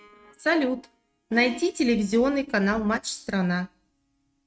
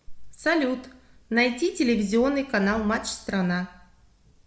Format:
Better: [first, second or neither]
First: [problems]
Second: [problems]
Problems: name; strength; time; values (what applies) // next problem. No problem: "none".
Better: second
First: noise reduction (neural mask model RNNoise)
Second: none